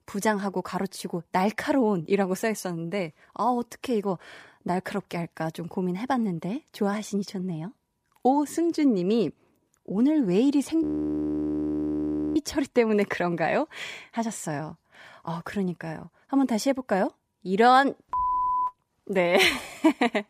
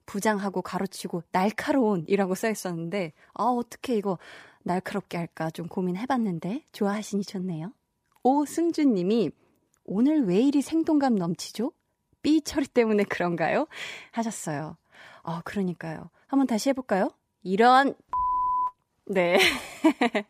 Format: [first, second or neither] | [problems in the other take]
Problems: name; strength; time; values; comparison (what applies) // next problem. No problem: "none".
second | audio freezing; at 11 s for 1.5 s